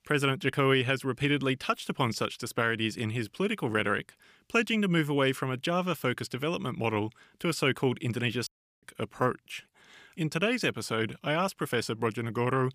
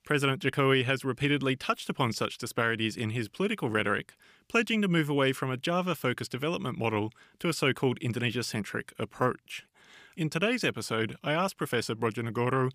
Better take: second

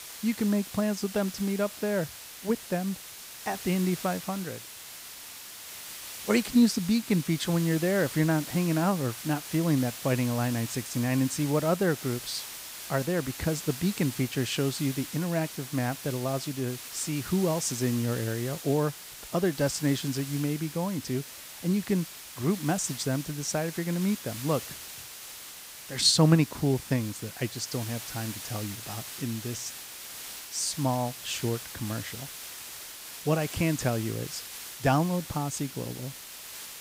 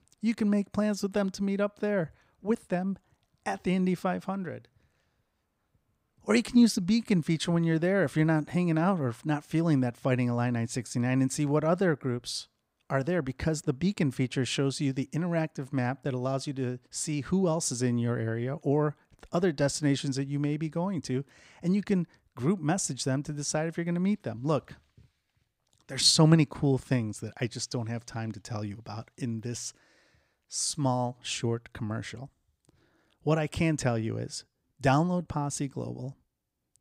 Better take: second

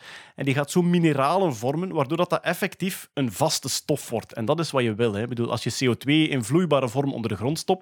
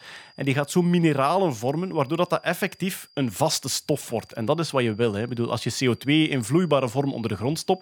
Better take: first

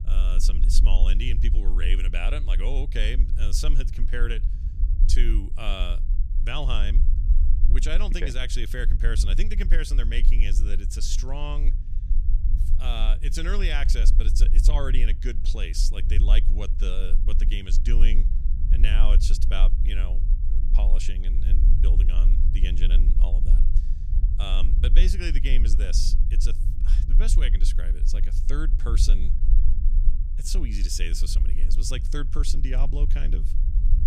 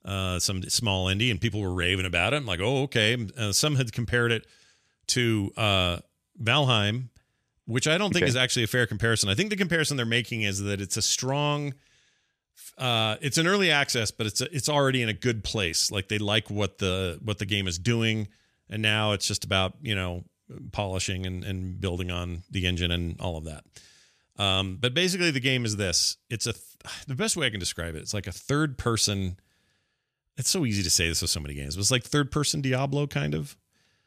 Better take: second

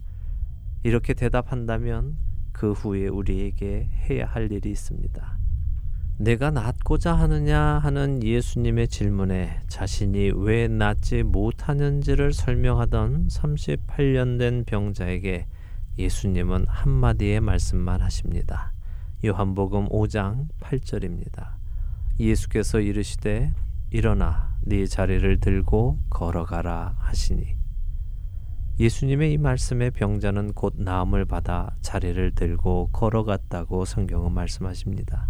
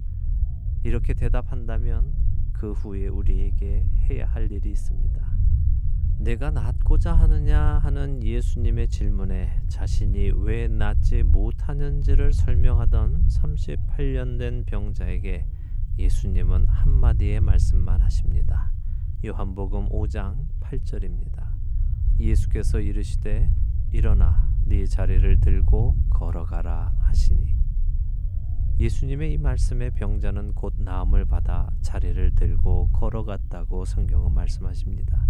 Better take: first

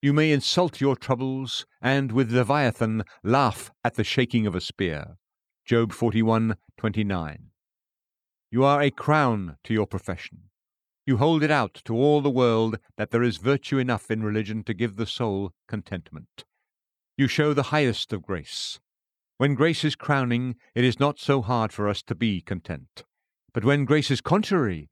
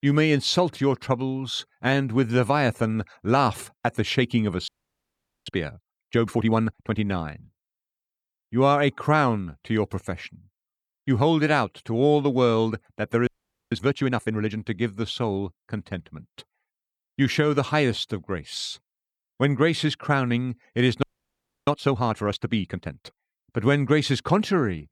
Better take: first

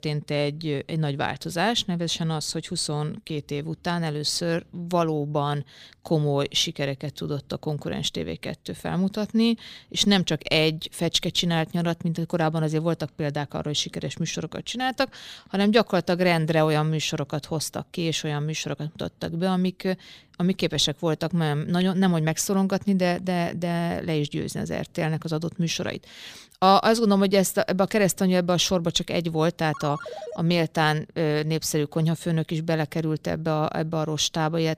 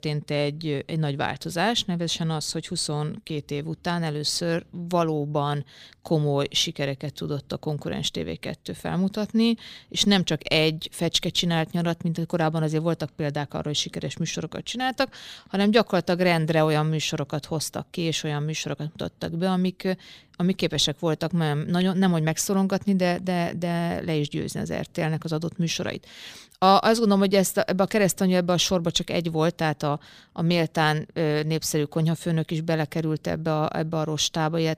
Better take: second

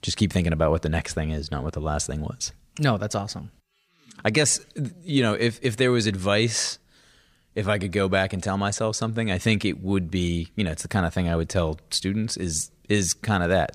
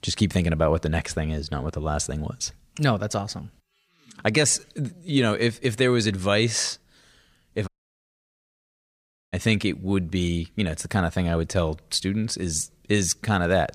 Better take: first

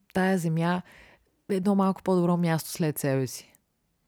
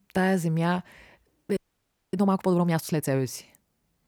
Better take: first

